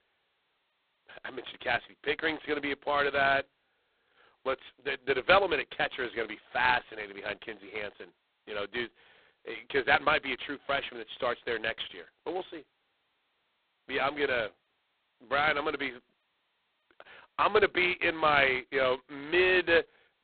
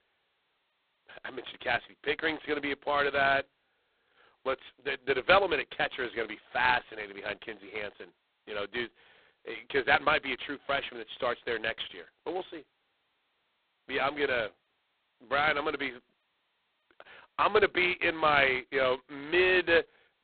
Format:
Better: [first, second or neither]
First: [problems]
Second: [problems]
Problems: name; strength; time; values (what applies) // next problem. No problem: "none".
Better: neither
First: phone-call audio; poor line; nothing above 4 kHz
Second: phone-call audio; poor line; nothing above 4 kHz